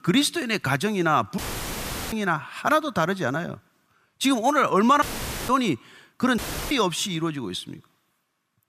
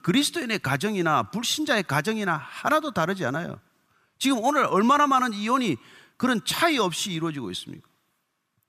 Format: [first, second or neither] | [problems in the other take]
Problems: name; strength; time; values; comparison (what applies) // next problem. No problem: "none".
second | audio cutting out; filled with static; at 1.5 s for 0.5 s, at 5 s and at 6.5 s